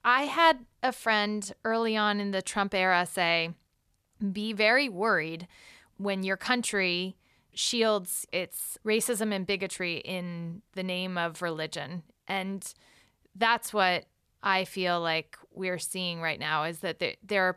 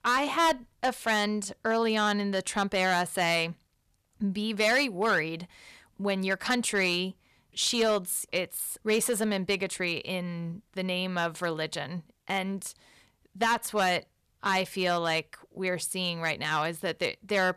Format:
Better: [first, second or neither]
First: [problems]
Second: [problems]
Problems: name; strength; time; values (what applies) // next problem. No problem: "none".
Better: first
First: none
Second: distortion; slight; 4% of the sound clipped